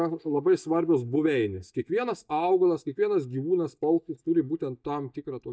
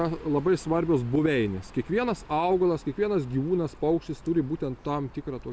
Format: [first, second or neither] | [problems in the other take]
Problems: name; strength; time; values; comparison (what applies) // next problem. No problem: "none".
second | noise reduction (neural mask model DeepFilterNet 3)